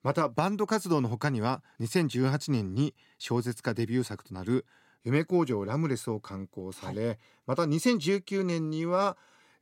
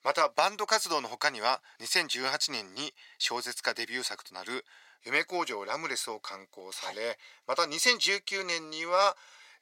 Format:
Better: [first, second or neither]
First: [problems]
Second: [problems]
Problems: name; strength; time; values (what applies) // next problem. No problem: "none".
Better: first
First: none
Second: thin; very; fading below 800 Hz